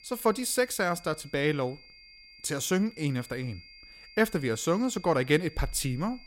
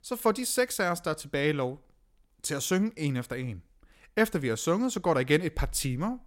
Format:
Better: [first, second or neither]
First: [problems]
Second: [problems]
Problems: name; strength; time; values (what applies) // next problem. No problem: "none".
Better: second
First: high-pitched whine; faint; throughout; 4.5 kHz, 20 dB below the speech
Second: none